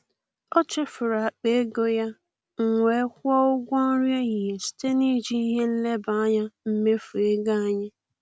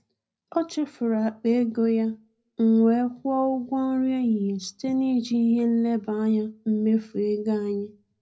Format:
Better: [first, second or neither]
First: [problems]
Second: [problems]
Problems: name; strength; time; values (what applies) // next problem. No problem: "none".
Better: first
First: none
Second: room echo; dies away in 0.4 s